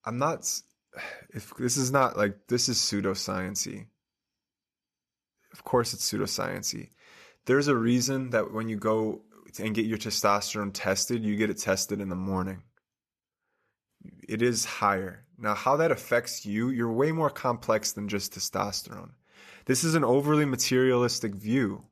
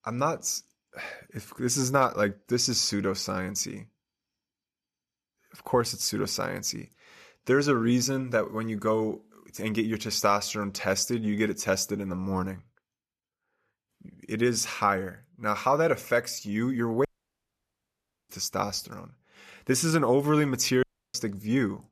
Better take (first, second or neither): first